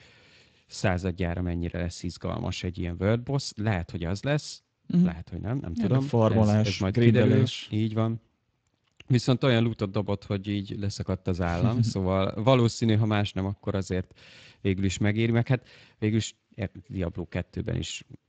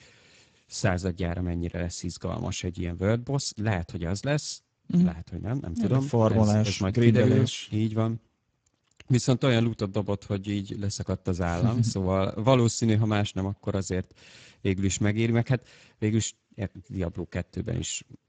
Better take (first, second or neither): first